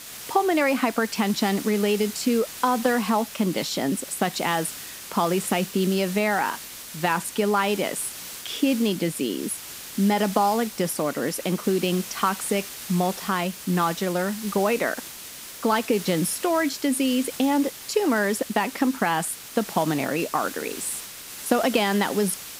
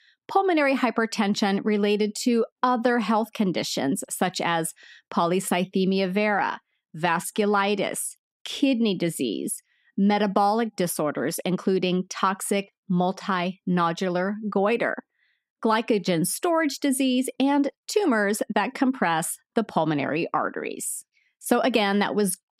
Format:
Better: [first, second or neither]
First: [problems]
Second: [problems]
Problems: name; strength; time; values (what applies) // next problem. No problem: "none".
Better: second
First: hiss; noticeable; throughout; 10 dB below the speech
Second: none